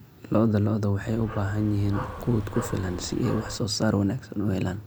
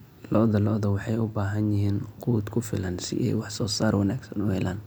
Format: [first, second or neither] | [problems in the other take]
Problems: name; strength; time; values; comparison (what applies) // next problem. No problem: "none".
second | background sound (Dog); 11 dB below the speech